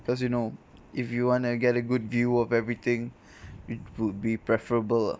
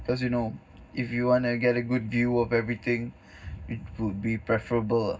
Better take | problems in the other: first | room echo; dies away in 0.4 s

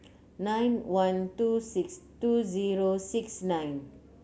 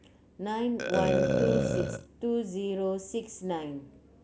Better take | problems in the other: first | background sound (Burping, eructation); 2 dB above the speech

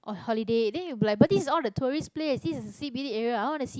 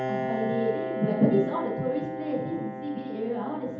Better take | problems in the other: first | background sound (Piano); 5 dB below the speech // room echo; dies away in 0.8 s

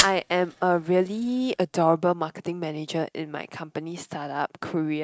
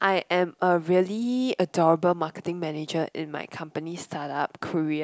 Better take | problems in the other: second | noise reduction (neural mask model RNNoise)

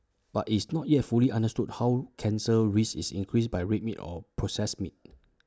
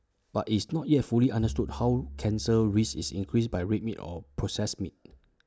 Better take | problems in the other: first | background sound (Bowed string instrument); 14 dB below the speech

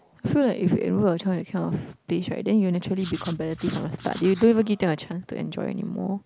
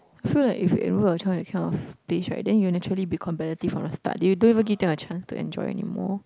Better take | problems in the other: second | background sound (Writing); 18 dB below the speech

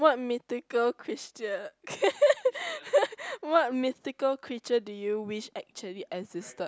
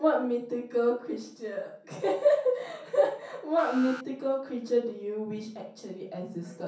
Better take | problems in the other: first | background sound (Alarm); 16 dB below the speech // room echo; dies away in 0.6 s

